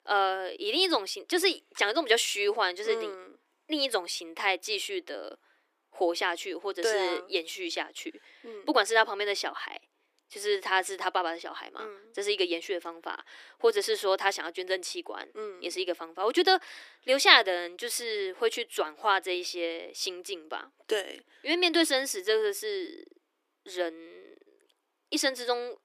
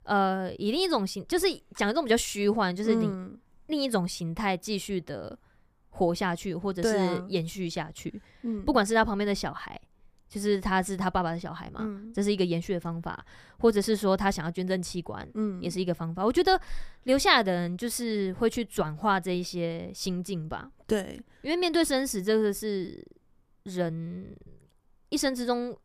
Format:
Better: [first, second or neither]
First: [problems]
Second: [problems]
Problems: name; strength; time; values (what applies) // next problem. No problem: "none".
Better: second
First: thin; very; fading below 300 Hz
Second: none